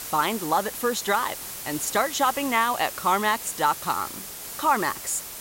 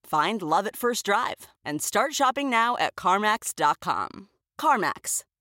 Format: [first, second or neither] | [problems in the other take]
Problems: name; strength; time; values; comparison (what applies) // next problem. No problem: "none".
second | hiss; loud; throughout; 9 dB below the speech